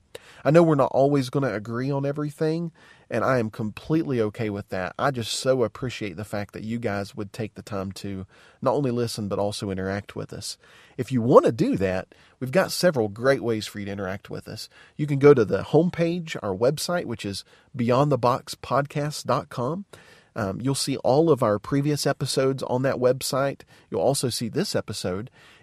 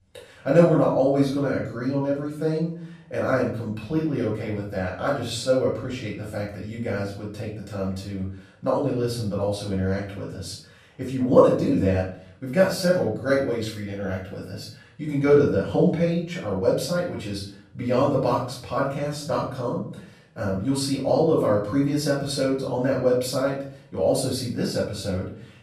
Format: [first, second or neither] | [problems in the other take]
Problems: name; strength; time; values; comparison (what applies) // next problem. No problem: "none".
first | room echo; noticeable; dies away in 0.5 s // off-mic speech; far